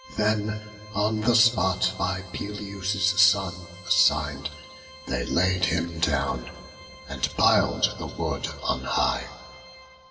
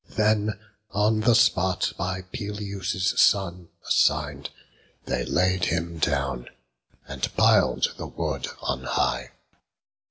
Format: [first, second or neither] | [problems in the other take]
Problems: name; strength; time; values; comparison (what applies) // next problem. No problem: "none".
second | background sound (Organ); 19 dB below the speech // room echo; dies away in 2.7 s